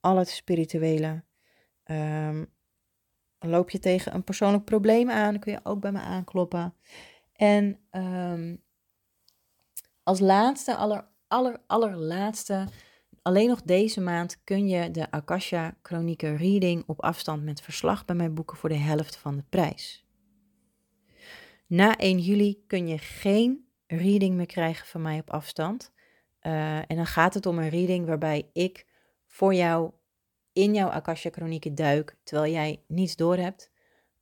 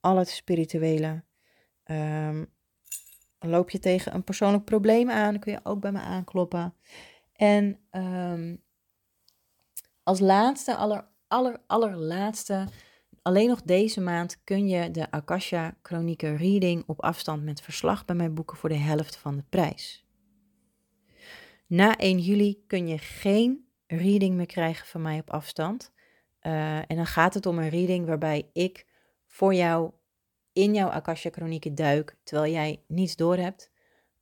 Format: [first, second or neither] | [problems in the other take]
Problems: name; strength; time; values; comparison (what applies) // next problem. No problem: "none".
first | jangling keys; faint; at 3 s; peak 10 dB below the speech